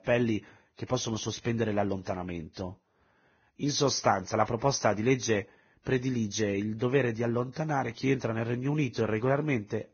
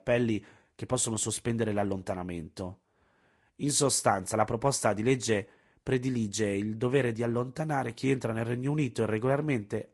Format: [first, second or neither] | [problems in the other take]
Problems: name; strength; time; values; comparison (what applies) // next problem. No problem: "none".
second | garbled, watery; badly; nothing above 6.5 kHz; slightly in the second